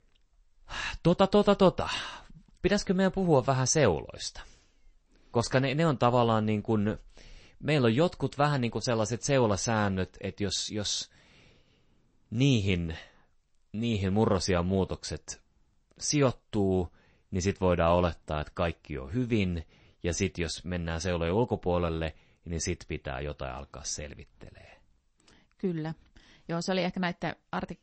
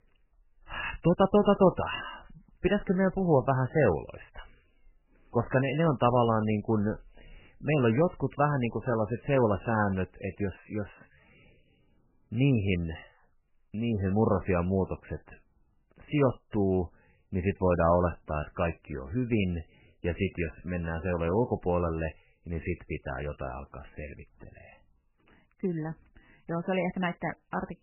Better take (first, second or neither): first